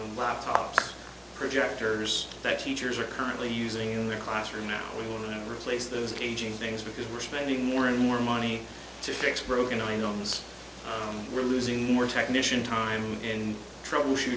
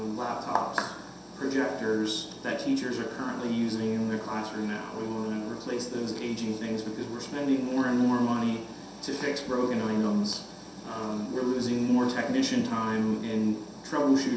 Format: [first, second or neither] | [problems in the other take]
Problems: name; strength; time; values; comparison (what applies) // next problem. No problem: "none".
first | room echo; dies away in 0.7 s